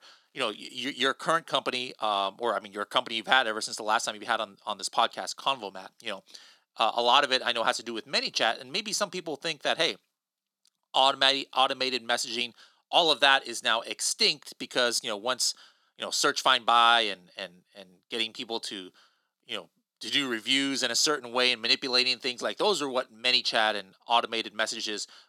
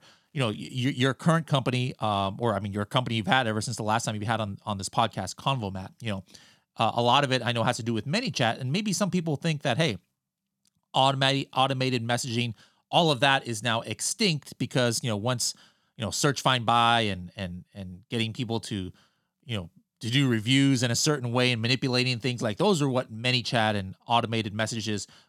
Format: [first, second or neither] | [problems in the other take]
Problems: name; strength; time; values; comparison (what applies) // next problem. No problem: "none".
second | thin; somewhat; fading below 350 Hz